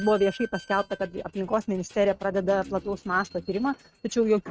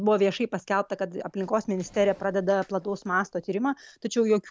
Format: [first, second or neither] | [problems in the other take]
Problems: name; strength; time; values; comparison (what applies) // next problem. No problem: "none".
second | noise reduction (neural mask model RNNoise)